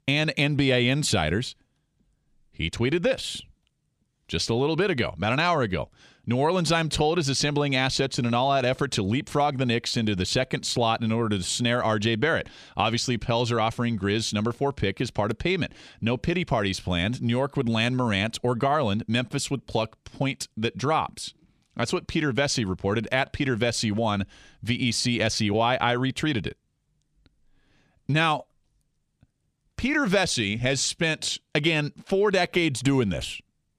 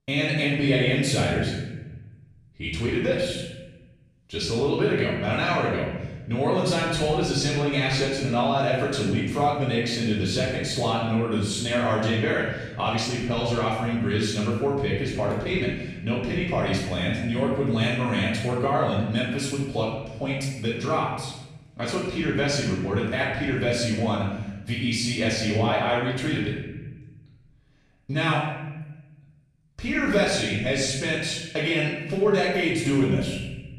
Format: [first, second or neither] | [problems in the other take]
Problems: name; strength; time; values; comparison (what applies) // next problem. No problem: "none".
first | off-mic speech; far // room echo; noticeable; dies away in 1 s